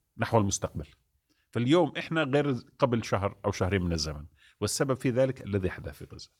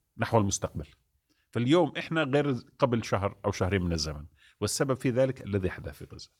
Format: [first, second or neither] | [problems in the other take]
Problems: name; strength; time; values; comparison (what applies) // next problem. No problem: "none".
neither | none